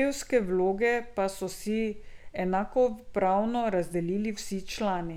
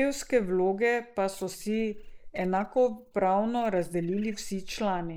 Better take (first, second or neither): first